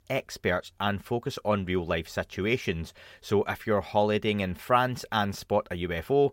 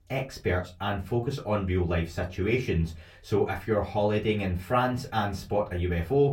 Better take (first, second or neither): first